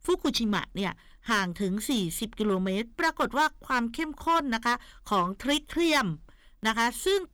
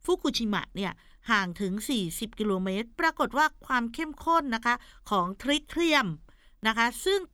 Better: second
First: distortion; slight; 6% of the sound clipped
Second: none

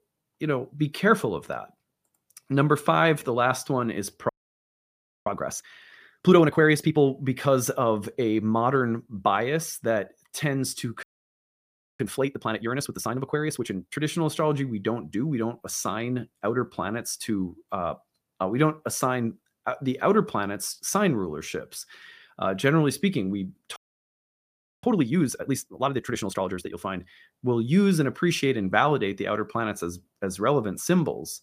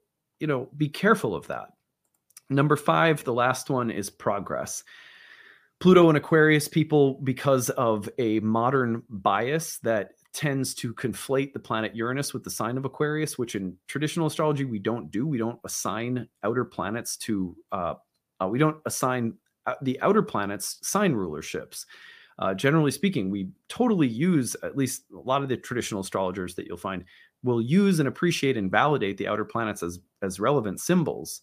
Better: second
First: audio freezing; at 4.5 s for 1 s, at 11 s for 1 s and at 24 s for 1 s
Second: none

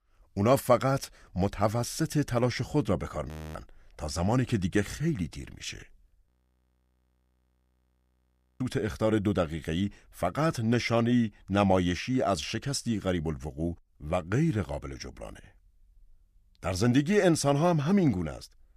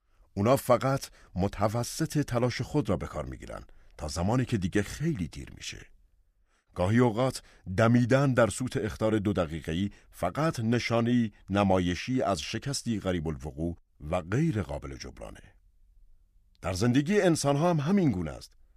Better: second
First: audio freezing; at 3.5 s and at 6.5 s for 2.5 s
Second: none

